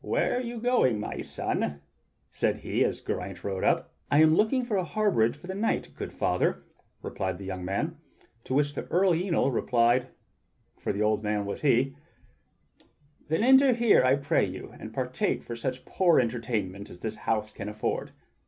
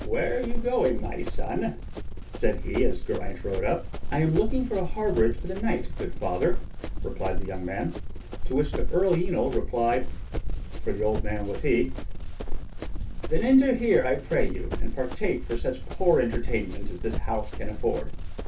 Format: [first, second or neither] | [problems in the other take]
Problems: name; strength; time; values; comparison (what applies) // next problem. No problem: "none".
first | background sound (Run); 1 dB above the speech // room echo; dies away in 0.2 s